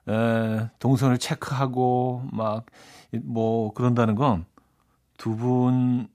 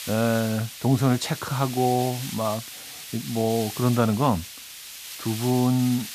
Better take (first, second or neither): first